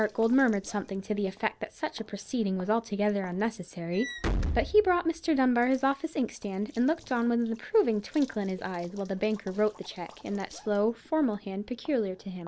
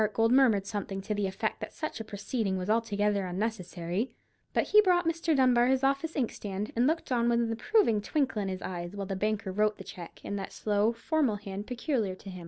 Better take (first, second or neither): second